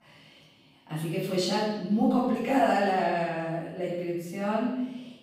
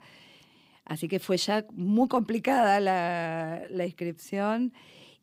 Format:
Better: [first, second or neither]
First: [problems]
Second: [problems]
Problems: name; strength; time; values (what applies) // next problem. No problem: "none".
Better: second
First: room echo; strong; dies away in 0.9 s // off-mic speech; far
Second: none